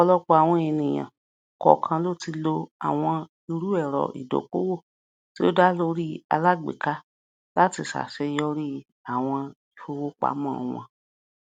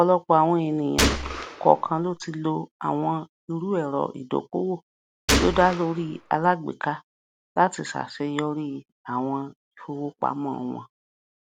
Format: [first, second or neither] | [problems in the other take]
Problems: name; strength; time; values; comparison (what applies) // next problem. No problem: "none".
first | background sound (Gunshot, gunfire); 1 dB below the speech